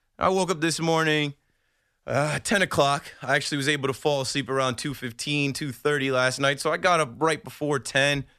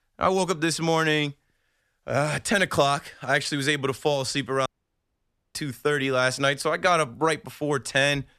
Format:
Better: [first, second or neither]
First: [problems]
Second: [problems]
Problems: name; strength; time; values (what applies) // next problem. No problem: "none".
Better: first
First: none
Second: audio cutting out; at 4.5 s for 1 s